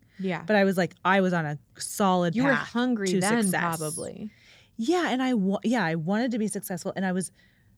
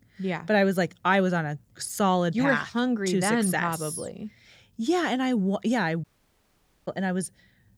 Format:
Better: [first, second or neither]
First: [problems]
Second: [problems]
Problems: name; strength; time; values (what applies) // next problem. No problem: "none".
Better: first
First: none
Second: audio cutting out; at 6 s for 1 s